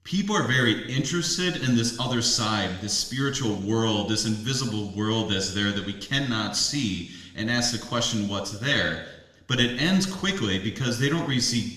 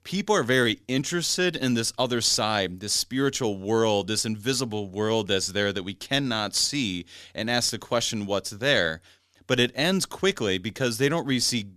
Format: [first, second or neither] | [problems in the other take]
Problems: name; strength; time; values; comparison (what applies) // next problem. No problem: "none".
second | room echo; slight; dies away in 0.9 s // off-mic speech; somewhat distant